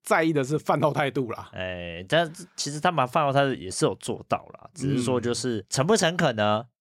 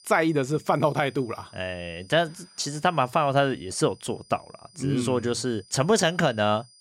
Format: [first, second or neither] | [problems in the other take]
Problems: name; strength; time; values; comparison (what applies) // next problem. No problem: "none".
first | high-pitched whine; faint; throughout; 5 kHz, 25 dB below the speech